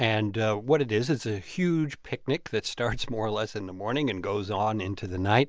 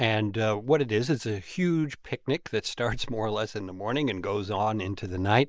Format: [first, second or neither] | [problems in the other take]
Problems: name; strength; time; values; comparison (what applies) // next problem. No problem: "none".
first | noise reduction (neural mask model Resemble Enhance denoiser)